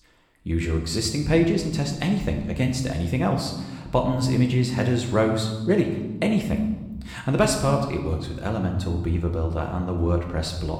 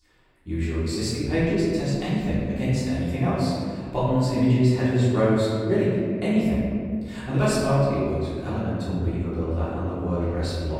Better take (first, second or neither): first